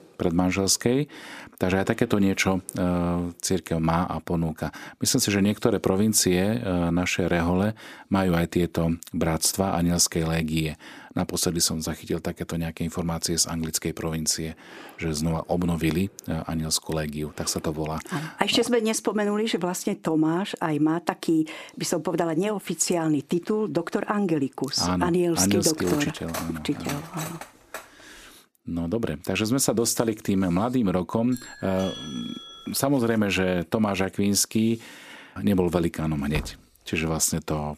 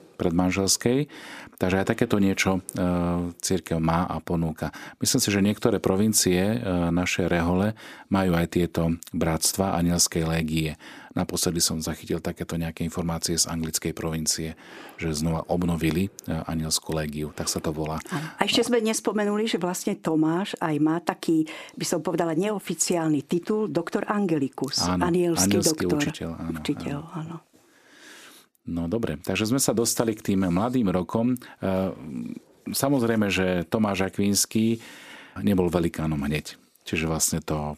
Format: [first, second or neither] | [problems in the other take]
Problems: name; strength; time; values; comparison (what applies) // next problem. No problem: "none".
second | clattering dishes; noticeable; from 26 to 28 s; peak 10 dB below the speech // doorbell; faint; from 31 to 33 s; peak 10 dB below the speech // door banging; faint; at 36 s; peak 15 dB below the speech